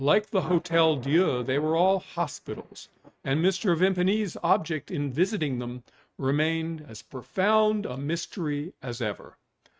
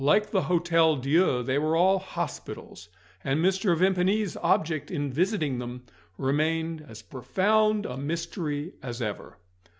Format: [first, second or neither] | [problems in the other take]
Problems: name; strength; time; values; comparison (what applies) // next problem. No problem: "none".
second | noise reduction (neural mask model RNNoise)